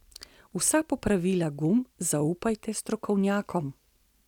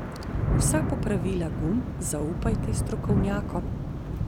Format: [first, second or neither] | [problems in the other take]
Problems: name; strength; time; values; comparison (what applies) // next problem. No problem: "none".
first | background sound (Thunder / Rain); 3 dB above the speech